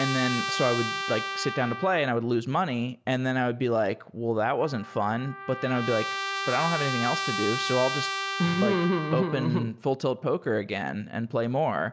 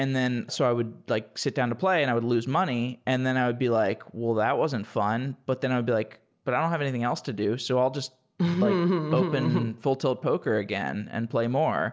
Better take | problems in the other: second | background sound (Trumpet); 7 dB below the speech

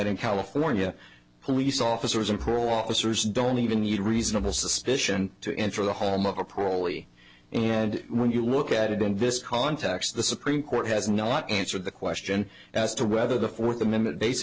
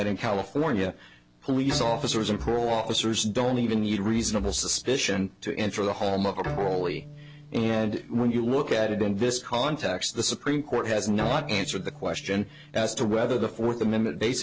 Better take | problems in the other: first | background sound (Bowed string instrument); 16 dB below the speech

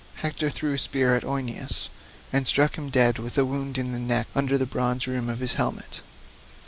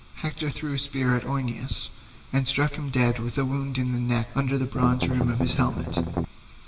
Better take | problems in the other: first | background sound (Strum); 1 dB below the speech // room echo; dies away in 1.4 s

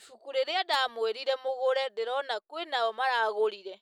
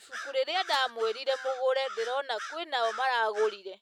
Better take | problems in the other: first | background sound (Bird vocalization, bird call, bird song); 13 dB below the speech

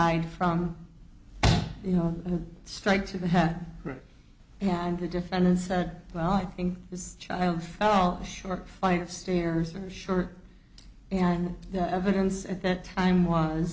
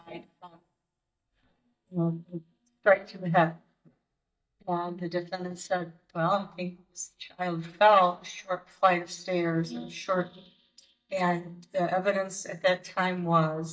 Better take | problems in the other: first | noise reduction (neural mask model DeepFilterNet 3)

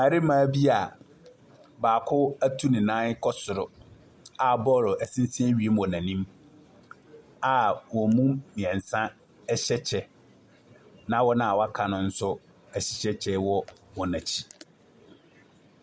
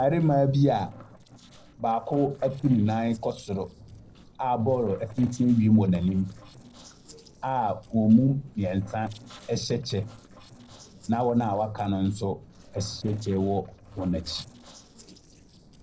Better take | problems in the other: first | noise reduction (neural separator model SepFormer DNS4)

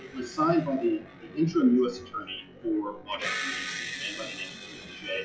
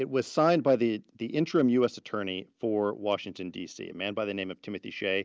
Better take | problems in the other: second | noise reduction (classical method WPE with log-MMSE)

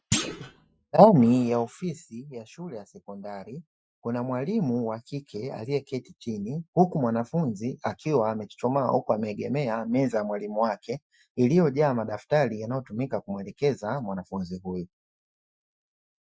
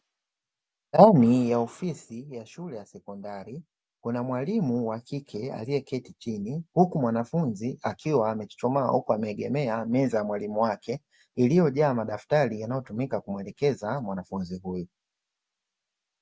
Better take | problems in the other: second | noise reduction (classical method Wiener filter)

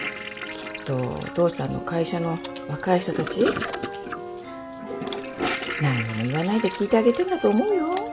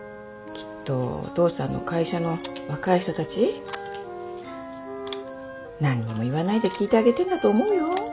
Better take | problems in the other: second | background sound (Toilet flush / Gurgling); 9 dB below the speech

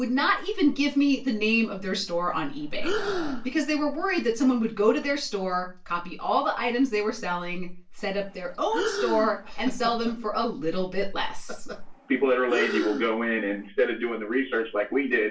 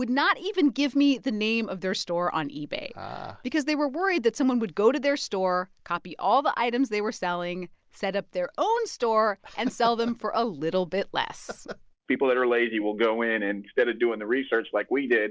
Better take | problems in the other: second | background sound (Breathing); 8 dB below the speech // room echo; dies away in 0.3 s

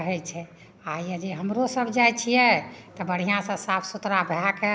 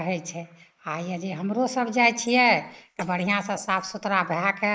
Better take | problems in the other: first | noise reduction (neural mask model Resemble Enhance denoiser)

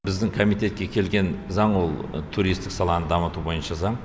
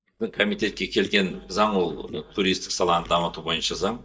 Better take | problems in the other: first | noise reduction (neural mask model DeepFilterNet 3)

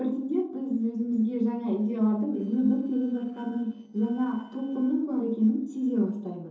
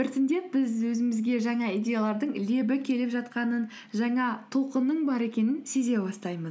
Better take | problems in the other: second | noise reduction (neural separator model SepFormer DNS4)

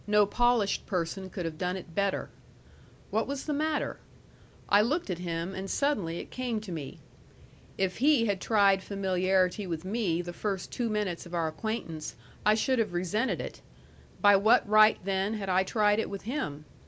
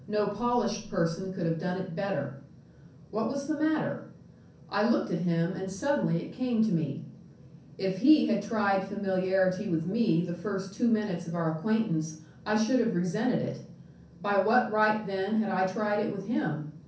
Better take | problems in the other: first | room echo; dies away in 0.6 s

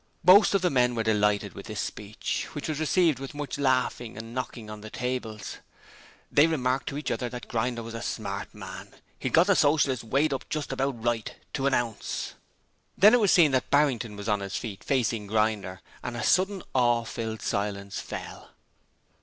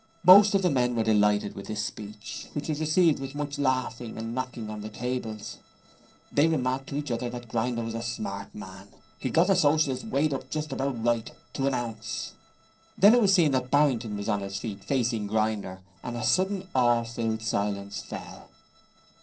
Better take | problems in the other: first | noise reduction (neural separator model SepFormer DNS4)

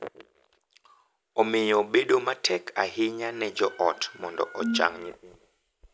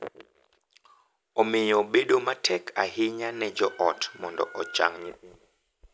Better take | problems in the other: second | background sound (Brass instrument); 5 dB below the speech

